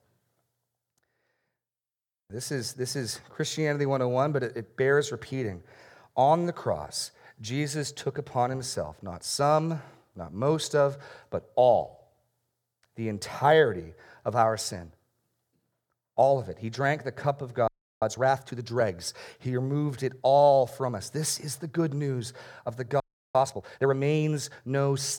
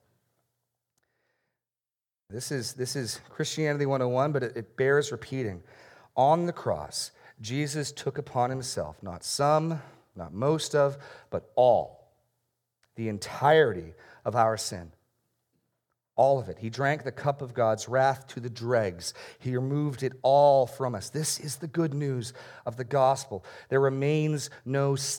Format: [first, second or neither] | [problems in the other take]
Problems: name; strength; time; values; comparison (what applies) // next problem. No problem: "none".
second | audio freezing; at 18 s and at 23 s